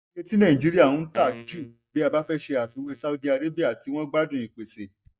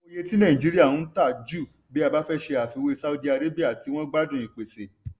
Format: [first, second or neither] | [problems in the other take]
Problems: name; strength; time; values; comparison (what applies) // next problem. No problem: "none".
second | noise reduction (neural mask model DeepFilterNet 3)